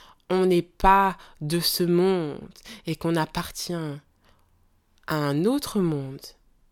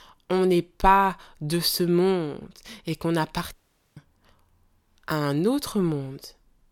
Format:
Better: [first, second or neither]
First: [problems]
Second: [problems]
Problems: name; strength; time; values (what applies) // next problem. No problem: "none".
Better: first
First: none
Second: audio cutting out; at 3.5 s